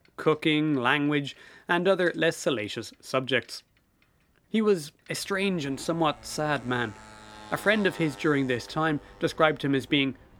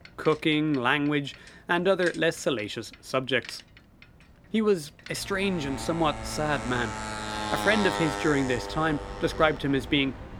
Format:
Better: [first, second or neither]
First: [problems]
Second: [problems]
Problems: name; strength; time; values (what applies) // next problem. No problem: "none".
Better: first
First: traffic noise; faint; throughout; 20 dB below the speech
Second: traffic noise; loud; throughout; 8 dB below the speech